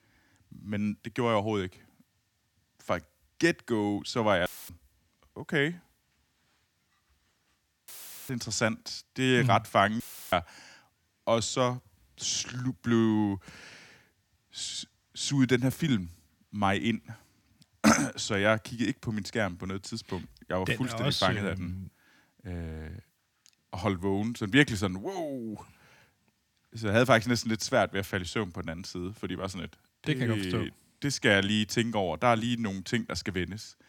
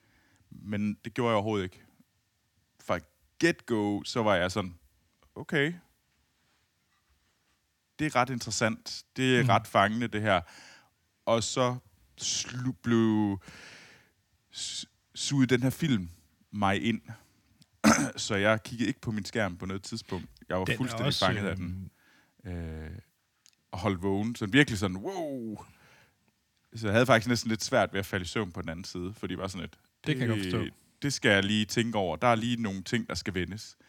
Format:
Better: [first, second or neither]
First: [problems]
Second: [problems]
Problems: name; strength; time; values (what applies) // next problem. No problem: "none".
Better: second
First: audio cutting out; filled with static; at 4.5 s, at 8 s and at 10 s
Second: none